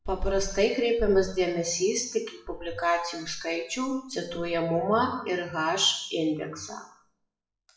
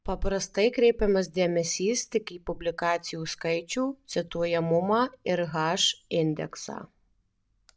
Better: second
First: noise reduction (classical method WPE with log-MMSE)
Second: none

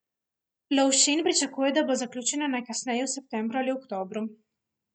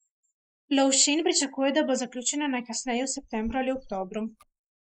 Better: first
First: none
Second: noise reduction (neural mask model Resemble Enhance denoiser)

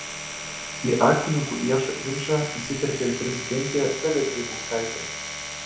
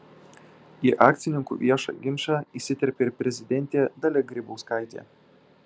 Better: second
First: background sound (Domestic sounds, home sounds); 7 dB below the speech // room echo; dies away in 0.6 s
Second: none

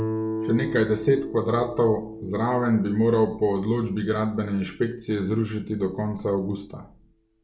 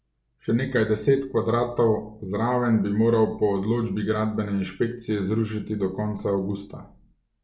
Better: second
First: background sound (Guitar); 11 dB below the speech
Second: none

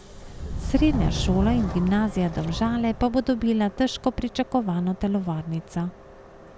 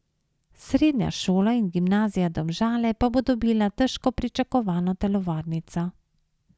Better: second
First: background sound (Subway, metro, underground); 7 dB below the speech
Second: none

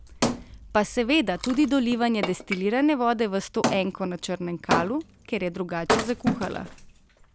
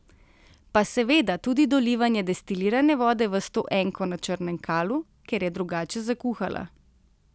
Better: second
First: background sound (Wood); 5 dB below the speech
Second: none

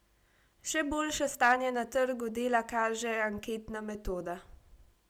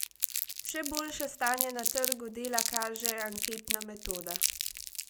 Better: first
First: none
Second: background sound (Crumpling, crinkling); 2 dB above the speech

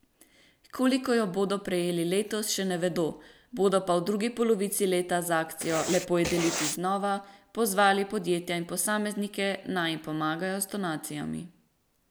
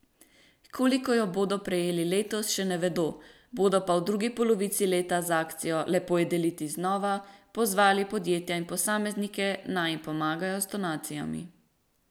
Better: second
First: background sound (Writing); 5 dB below the speech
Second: none

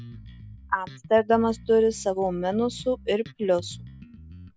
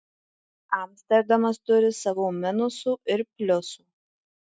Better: second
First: background sound (Bass guitar); 18 dB below the speech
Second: none

